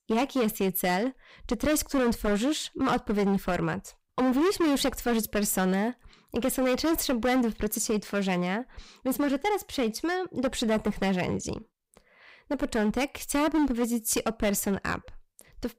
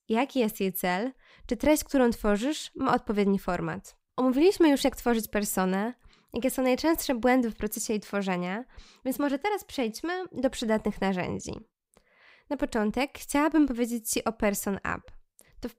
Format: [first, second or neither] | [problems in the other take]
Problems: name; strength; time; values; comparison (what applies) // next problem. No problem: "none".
second | distortion; heavy; 12% of the sound clipped